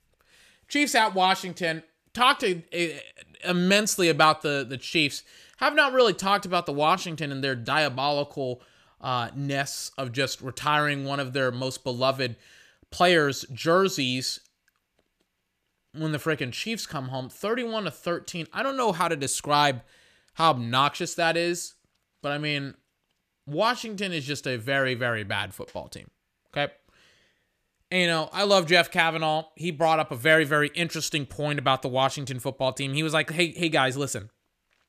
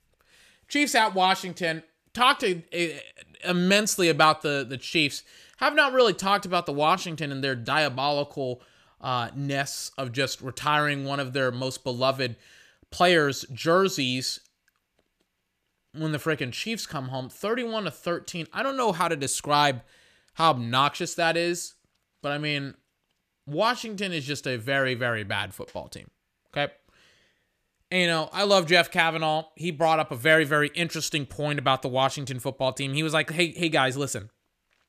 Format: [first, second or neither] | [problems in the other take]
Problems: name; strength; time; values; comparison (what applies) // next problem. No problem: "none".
neither | none